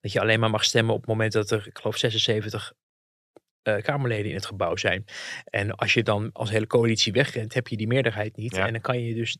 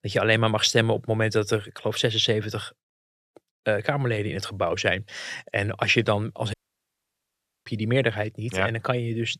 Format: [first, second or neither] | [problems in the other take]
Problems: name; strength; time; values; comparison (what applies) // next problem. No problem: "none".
first | audio cutting out; at 6.5 s for 1 s